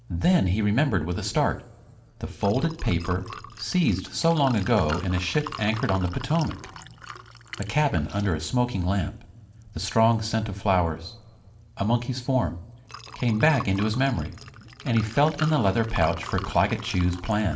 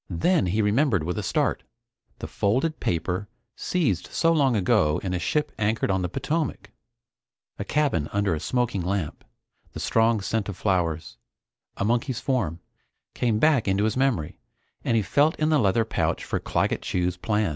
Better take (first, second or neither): second